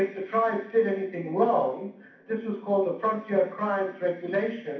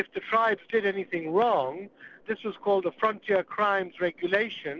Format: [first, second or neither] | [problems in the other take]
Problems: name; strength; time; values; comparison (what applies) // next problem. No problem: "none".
second | room echo; dies away in 0.6 s